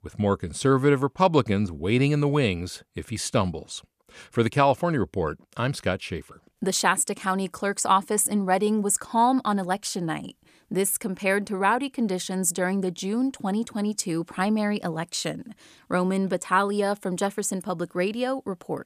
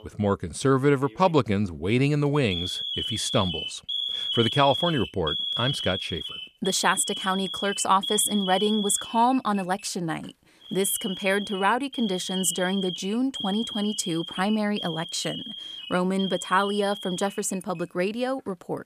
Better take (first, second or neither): first